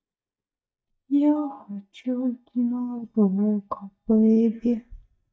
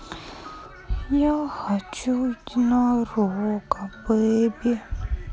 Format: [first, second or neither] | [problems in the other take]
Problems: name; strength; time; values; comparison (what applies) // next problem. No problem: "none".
second | noise reduction (neural mask model DeepFilterNet 3)